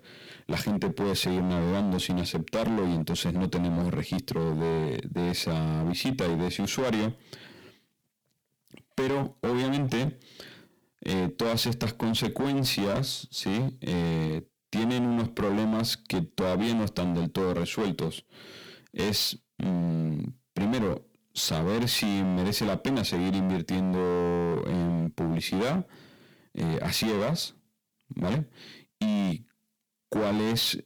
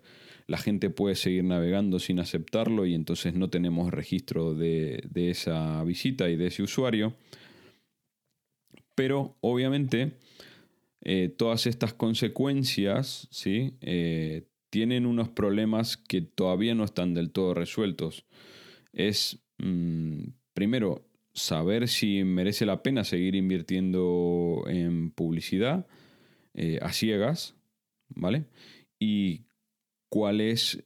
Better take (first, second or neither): second